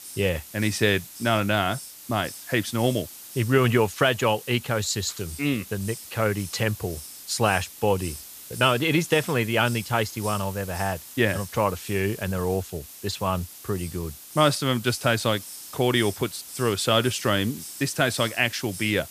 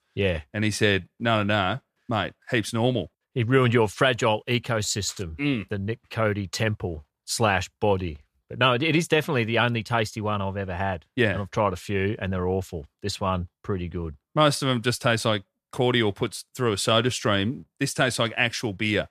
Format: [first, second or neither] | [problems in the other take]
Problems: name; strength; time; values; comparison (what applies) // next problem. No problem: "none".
second | hiss; noticeable; throughout; 15 dB below the speech